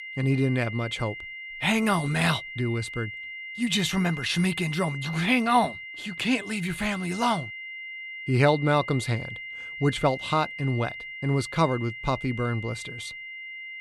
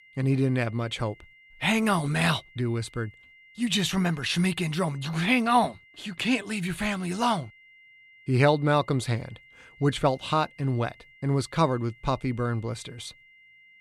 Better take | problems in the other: second | high-pitched whine; loud; throughout; 2 kHz, 10 dB below the speech; faint in the second

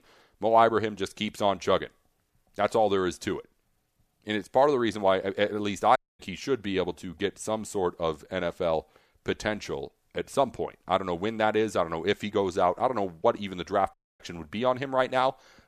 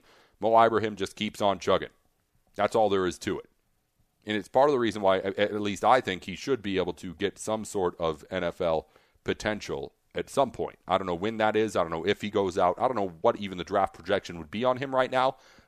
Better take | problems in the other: second | audio cutting out; at 6 s and at 14 s

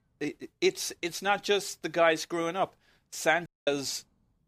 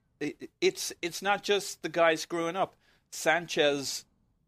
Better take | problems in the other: second | audio cutting out; at 3.5 s

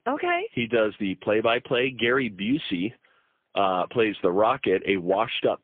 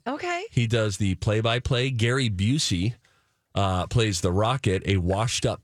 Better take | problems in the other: second | phone-call audio; poor line; nothing above 3.5 kHz

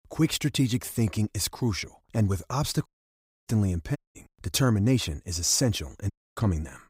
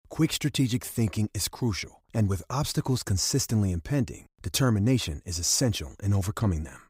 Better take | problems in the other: second | audio cutting out; at 3 s for 0.5 s, at 4 s and at 6 s

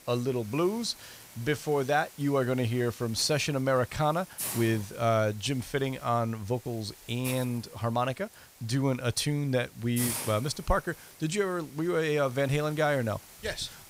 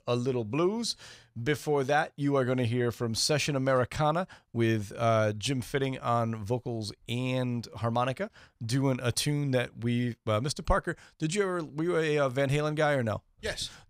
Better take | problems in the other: second | hiss; noticeable; throughout; 10 dB below the speech

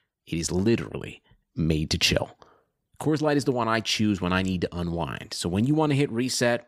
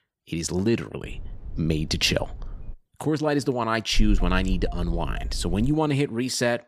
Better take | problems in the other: first | low rumble; faint; from 1 to 2.5 s and from 4 to 5.5 s; 20 dB below the speech

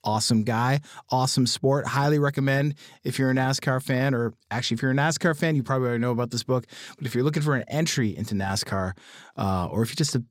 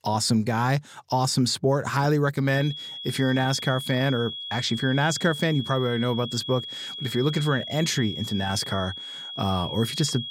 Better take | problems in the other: first | high-pitched whine; loud; from 2.5 s on; 3.5 kHz, 8 dB below the speech

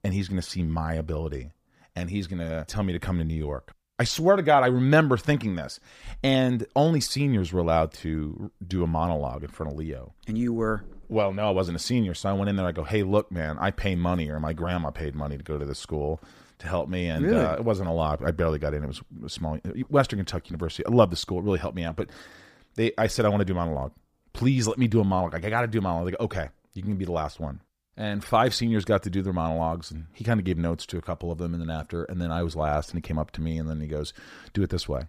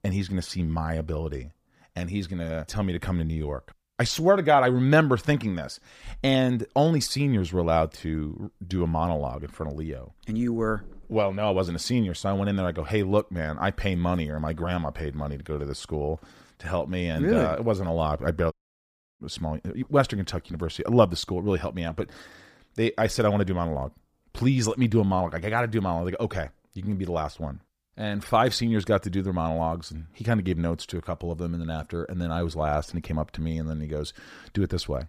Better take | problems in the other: first | audio cutting out; at 19 s for 0.5 s

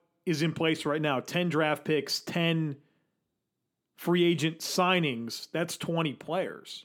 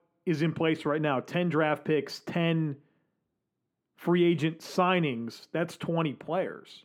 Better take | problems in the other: first | muffled; slightly; fading above 3 kHz

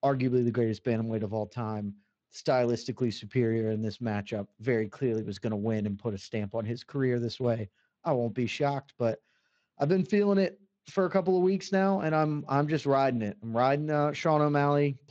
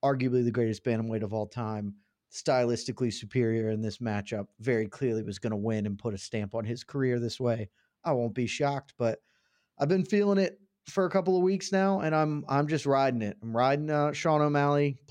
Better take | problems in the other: second | garbled, watery; slightly

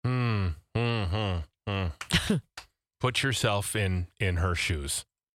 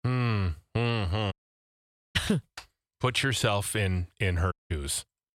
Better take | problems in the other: first | audio cutting out; at 1.5 s for 1 s and at 4.5 s

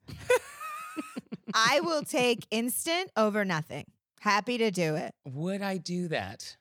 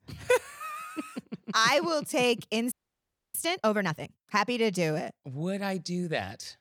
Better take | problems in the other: first | audio freezing; at 2.5 s for 0.5 s

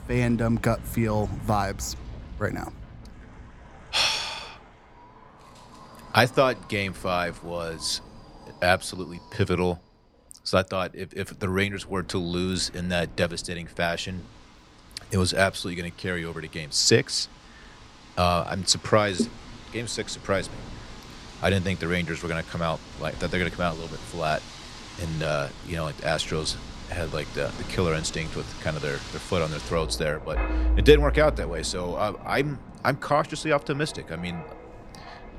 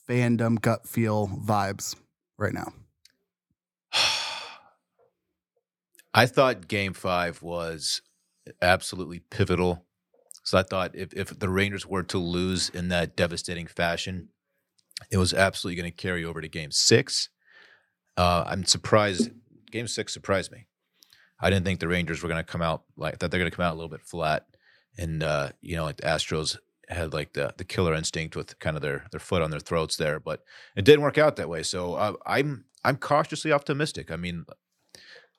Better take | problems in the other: second | wind in the background; noticeable; throughout; 10 dB below the speech

